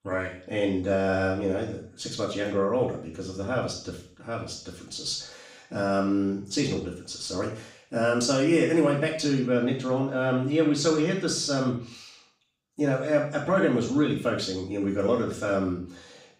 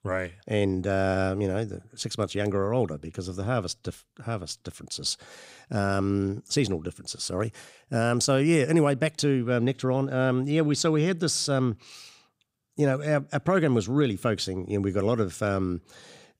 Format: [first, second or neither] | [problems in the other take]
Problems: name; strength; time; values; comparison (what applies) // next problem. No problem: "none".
second | room echo; noticeable; dies away in 0.5 s // off-mic speech; far